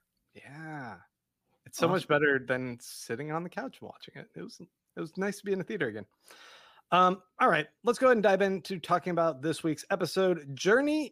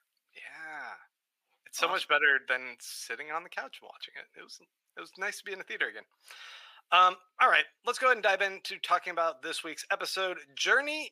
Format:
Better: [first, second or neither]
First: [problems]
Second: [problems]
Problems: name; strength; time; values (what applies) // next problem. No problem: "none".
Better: first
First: none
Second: thin; very; fading below 750 Hz